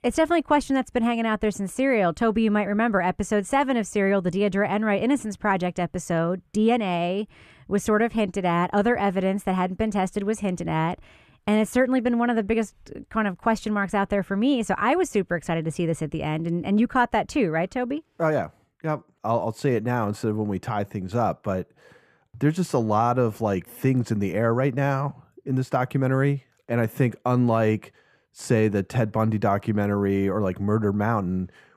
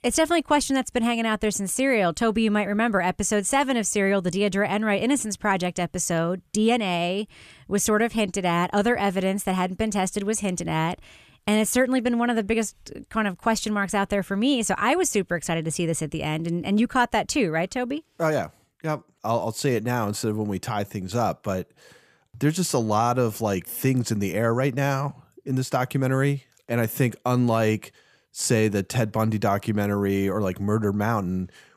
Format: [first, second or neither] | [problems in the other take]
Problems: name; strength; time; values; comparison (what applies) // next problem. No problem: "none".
second | muffled; slightly; fading above 3 kHz